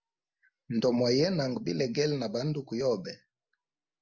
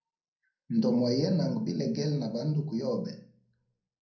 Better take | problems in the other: first | room echo; dies away in 0.6 s

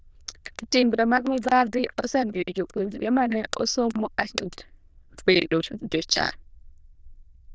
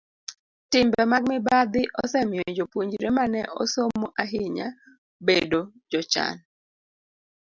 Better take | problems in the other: second | noise reduction (neural diffusion model UNIVERSE++)

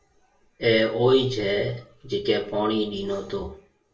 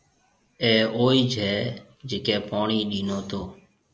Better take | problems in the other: second | room echo; dies away in 0.2 s

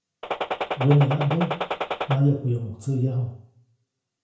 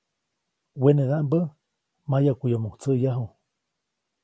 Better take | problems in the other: second | background sound (Gunshot, gunfire); 4 dB below the speech // room echo; dies away in 0.5 s

